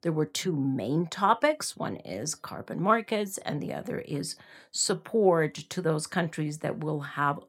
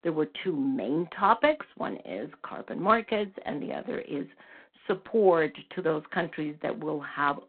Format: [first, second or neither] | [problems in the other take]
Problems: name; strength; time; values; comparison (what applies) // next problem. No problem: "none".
first | phone-call audio; poor line